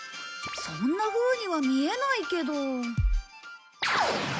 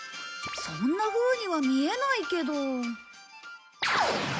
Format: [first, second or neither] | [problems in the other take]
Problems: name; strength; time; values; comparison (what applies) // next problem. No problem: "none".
second | background sound (Bass drum); 2 dB above the speech